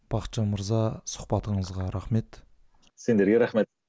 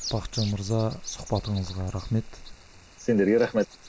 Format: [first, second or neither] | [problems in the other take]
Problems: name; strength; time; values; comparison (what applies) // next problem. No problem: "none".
first | noise reduction (neural mask model Resemble Enhance denoiser)